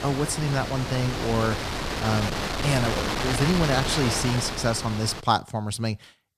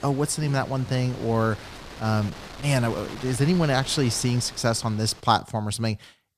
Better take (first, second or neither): second